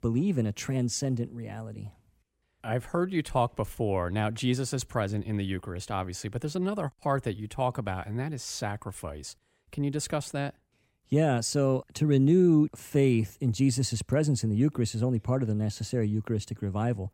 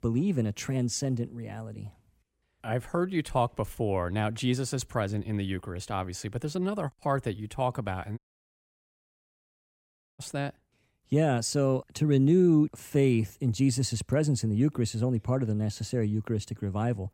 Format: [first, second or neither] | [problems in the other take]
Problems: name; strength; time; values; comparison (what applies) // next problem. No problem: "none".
first | audio cutting out; at 8 s for 2 s